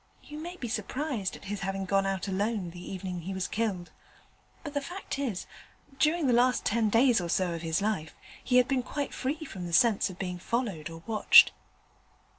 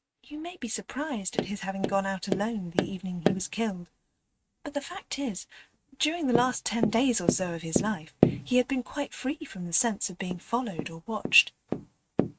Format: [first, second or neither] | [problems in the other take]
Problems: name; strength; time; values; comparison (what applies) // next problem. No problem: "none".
first | noise reduction (neural mask model RNNoise)